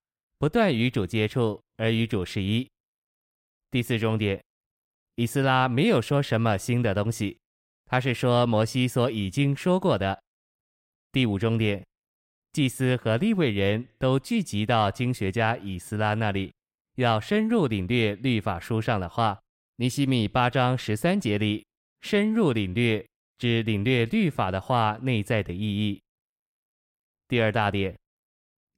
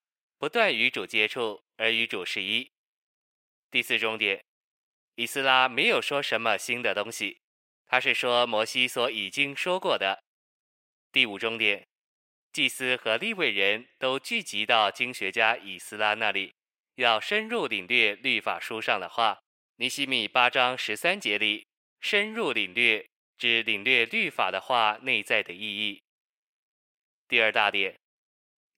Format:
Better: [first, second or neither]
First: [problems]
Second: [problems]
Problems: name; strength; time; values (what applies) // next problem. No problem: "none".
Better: first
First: none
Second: thin; very; fading below 500 Hz